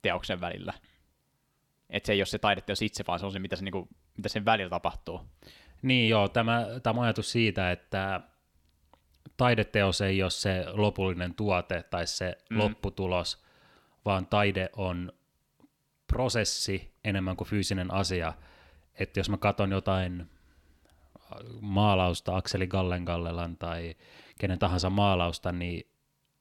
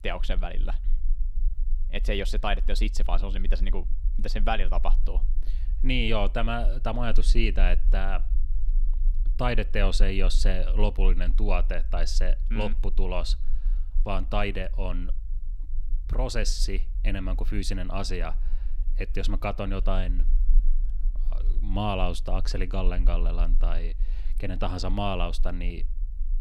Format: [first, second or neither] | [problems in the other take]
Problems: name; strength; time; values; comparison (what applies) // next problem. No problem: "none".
first | low rumble; faint; throughout; 25 dB below the speech